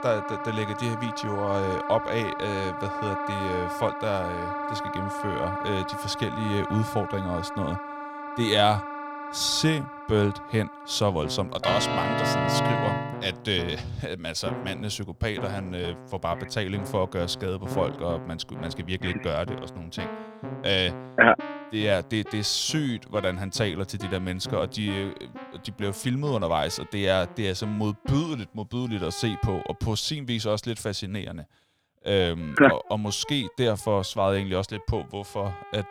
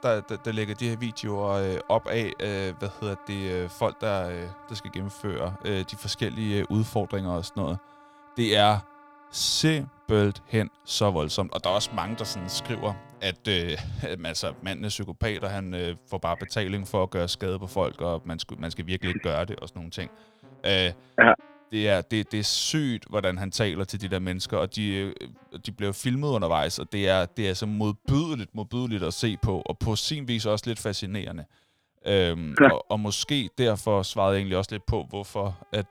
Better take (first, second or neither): second